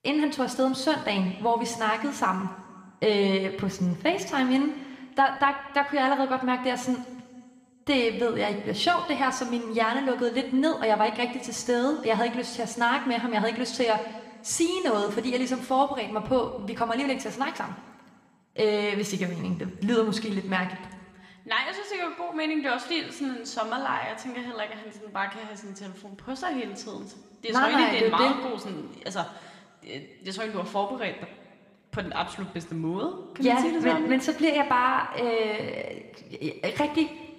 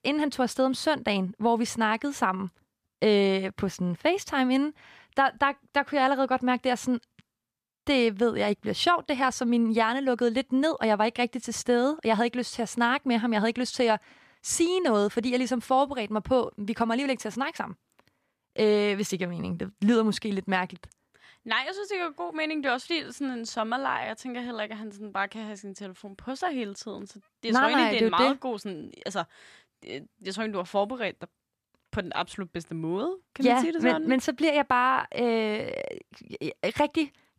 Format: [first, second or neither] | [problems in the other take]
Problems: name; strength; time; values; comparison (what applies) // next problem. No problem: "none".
second | room echo; slight; dies away in 1.3 s